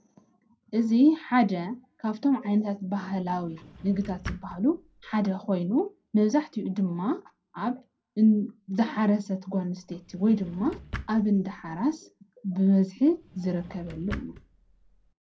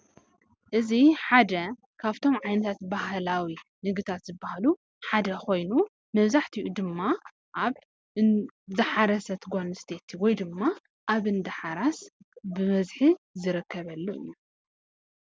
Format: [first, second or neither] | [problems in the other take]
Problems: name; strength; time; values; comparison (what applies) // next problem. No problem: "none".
second | background sound (Drawer open or close); 16 dB below the speech // room echo; dies away in 0.2 s